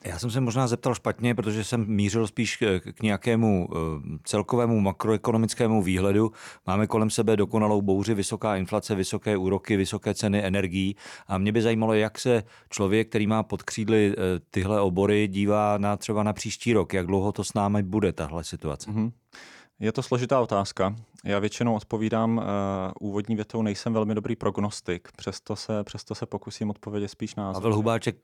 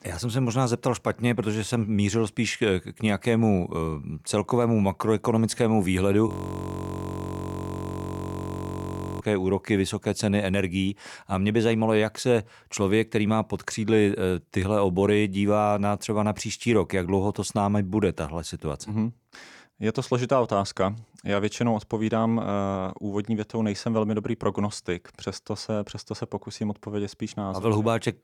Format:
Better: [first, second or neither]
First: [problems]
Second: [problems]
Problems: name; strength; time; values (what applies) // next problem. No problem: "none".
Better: first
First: none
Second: audio freezing; at 6.5 s for 3 s